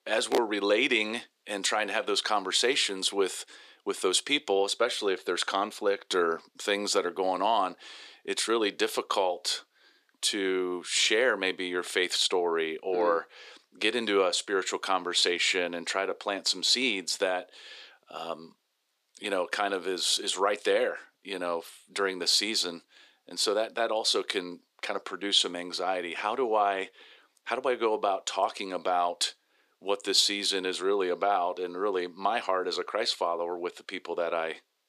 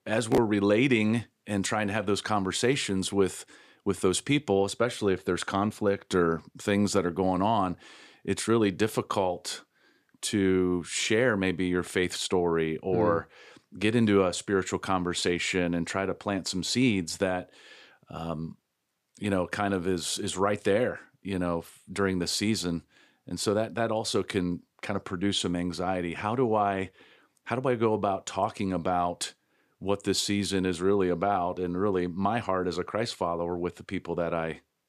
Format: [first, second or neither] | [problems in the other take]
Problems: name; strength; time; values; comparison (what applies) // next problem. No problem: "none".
second | thin; somewhat; fading below 400 Hz